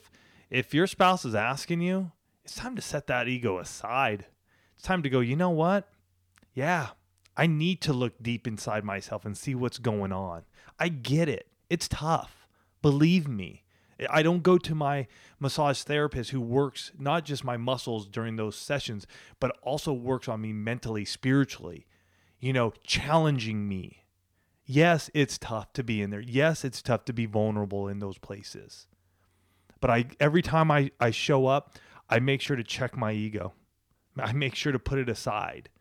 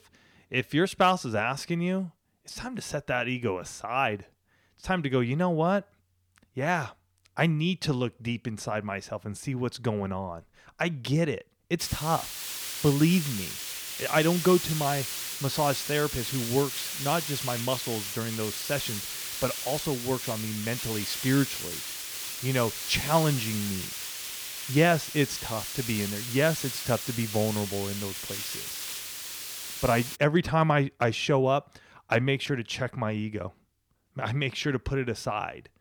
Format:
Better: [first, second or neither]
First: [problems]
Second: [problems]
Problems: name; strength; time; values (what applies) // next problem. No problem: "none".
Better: first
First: none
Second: hiss; loud; from 12 to 30 s; 5 dB below the speech